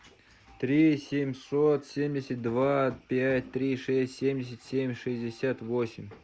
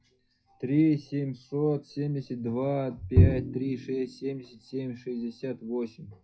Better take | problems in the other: first | noise reduction (classical method WPE with log-MMSE)

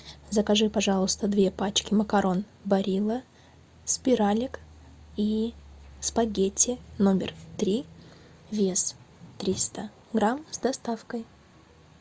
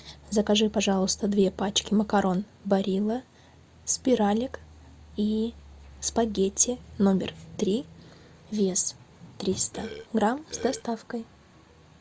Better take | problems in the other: first | background sound (Burping, eructation); 12 dB below the speech

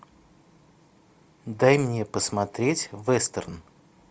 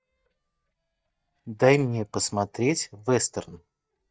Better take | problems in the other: first | noise reduction (neural mask model DeepFilterNet 3)

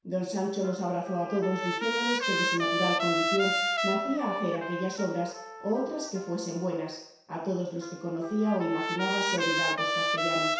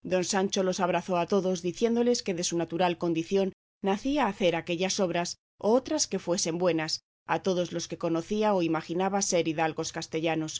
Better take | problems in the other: second | background sound (Trumpet); 1 dB below the speech // room echo; dies away in 0.7 s

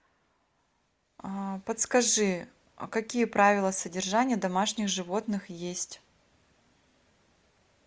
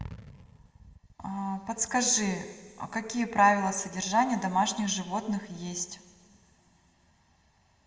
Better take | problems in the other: first | room echo; dies away in 1.6 s

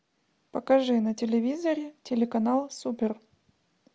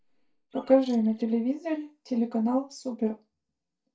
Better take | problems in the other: first | noise reduction (neural mask model DeepFilterNet 3)

